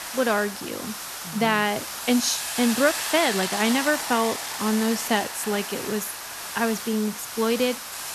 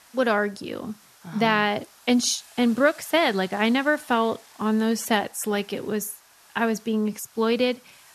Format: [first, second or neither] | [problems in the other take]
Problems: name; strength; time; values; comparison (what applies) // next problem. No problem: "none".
second | hiss; loud; throughout; 5 dB below the speech; faint in the second